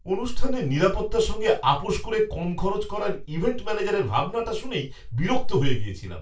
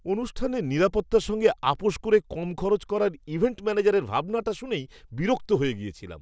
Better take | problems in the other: second | room echo; dies away in 0.3 s

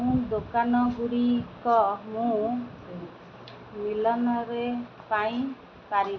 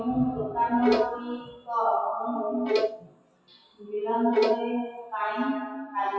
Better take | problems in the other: first | noise reduction (classical method WPE with log-MMSE)

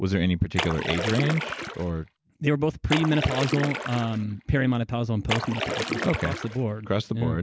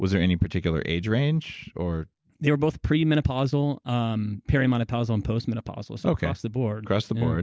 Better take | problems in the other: second | background sound (Splash, splatter); 5 dB below the speech

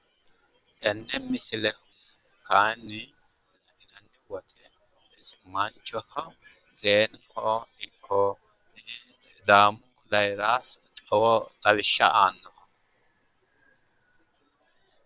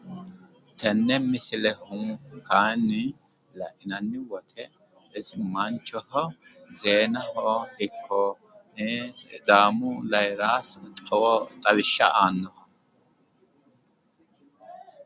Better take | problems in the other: second | noise reduction (neural separator model SepFormer WHAM!)

